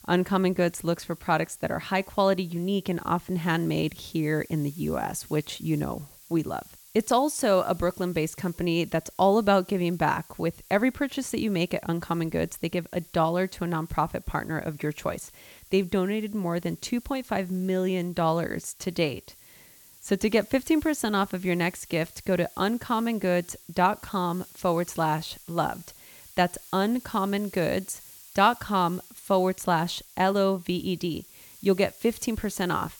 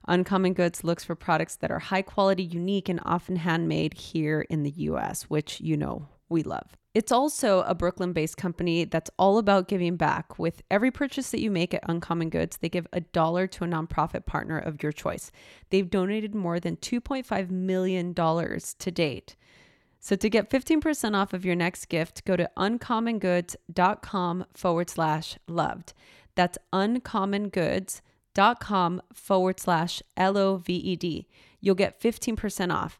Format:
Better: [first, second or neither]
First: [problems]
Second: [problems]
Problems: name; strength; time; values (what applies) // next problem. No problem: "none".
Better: second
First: hiss; faint; throughout; 20 dB below the speech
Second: none